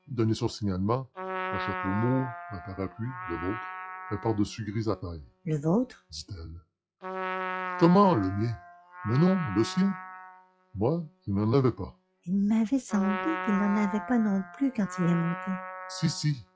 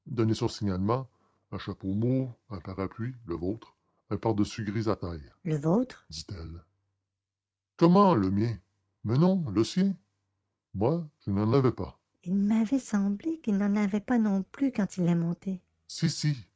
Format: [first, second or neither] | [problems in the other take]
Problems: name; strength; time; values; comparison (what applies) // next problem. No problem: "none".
second | noise reduction (classical method log-MMSE)